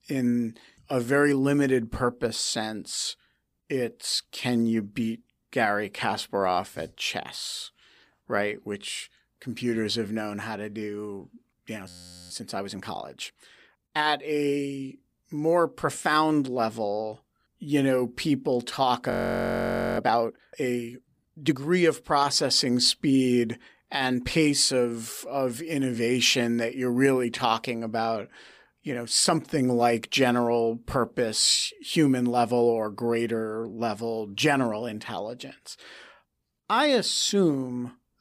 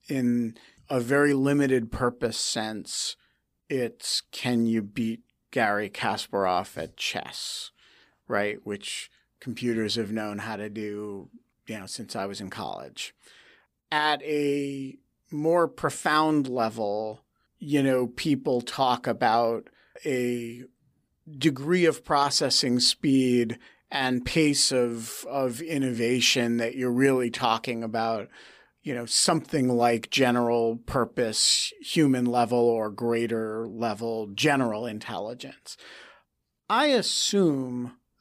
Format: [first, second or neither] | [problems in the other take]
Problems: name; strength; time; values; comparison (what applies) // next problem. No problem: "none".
second | audio freezing; at 12 s and at 19 s for 1 s